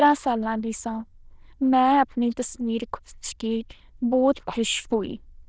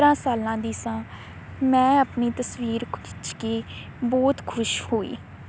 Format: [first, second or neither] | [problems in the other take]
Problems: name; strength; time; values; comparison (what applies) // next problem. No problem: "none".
second | noise reduction (neural diffusion model UNIVERSE++)